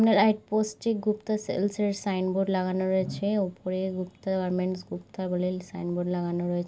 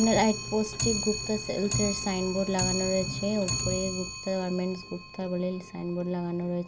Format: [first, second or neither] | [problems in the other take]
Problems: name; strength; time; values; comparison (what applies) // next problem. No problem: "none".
first | background sound (Clock); 5 dB below the speech